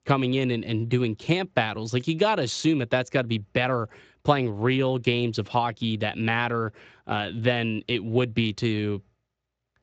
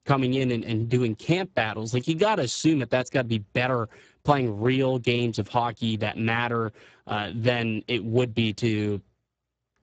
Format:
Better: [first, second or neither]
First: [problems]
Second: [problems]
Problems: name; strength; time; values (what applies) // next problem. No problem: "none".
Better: first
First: garbled, watery; slightly; nothing above 7.5 kHz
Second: garbled, watery; badly; nothing above 7.5 kHz